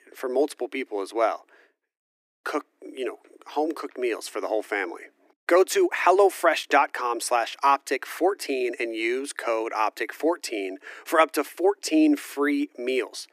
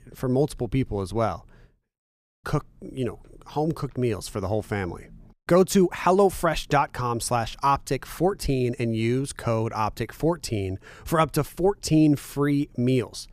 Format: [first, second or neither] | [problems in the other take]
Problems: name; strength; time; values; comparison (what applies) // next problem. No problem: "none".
second | thin; somewhat; fading below 300 Hz